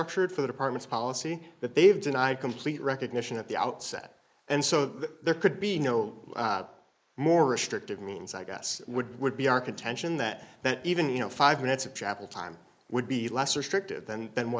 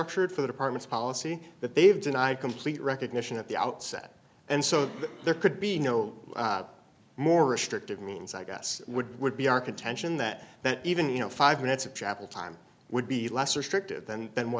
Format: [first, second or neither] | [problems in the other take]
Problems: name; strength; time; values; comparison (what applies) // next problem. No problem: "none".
second | noise reduction (neural mask model Resemble Enhance denoiser)